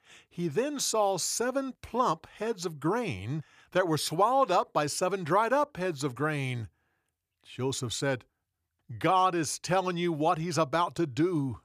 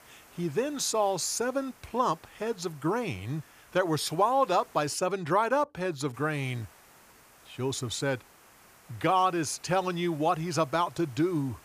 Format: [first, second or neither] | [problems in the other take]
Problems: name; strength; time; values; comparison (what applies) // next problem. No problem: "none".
first | hiss; faint; until 5 s and from 6 s on; 25 dB below the speech